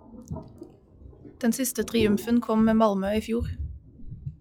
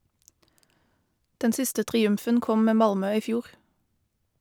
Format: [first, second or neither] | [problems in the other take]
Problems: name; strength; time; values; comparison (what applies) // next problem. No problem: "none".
second | noise reduction (classical method log-MMSE)